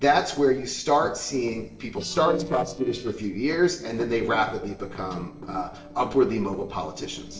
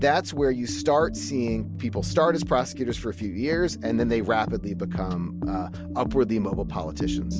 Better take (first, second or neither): second